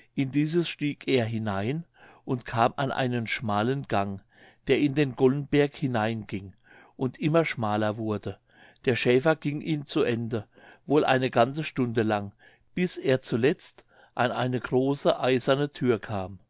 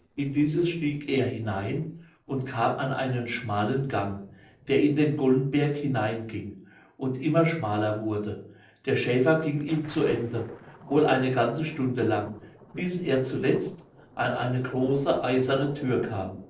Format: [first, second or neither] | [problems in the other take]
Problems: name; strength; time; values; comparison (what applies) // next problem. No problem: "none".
first | noise reduction (neural separator model SepFormer DNS4)